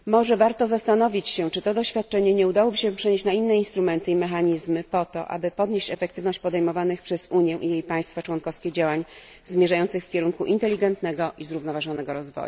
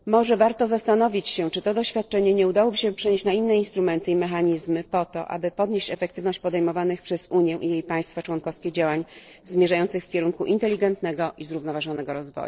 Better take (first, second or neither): first